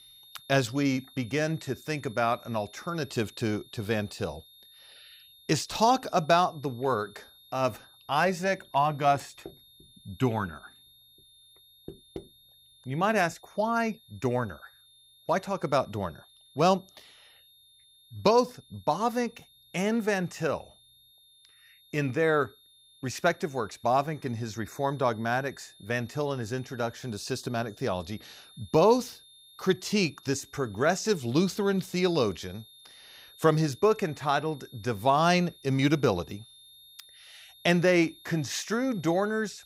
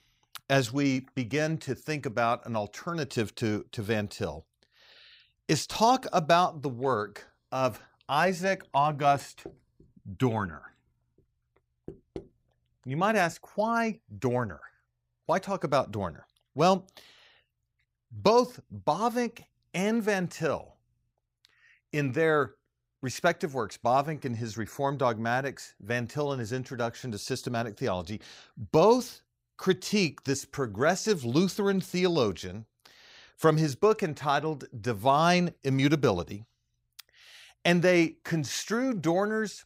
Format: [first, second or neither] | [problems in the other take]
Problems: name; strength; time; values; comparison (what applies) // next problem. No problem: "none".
second | high-pitched whine; faint; throughout; 3.5 kHz, 25 dB below the speech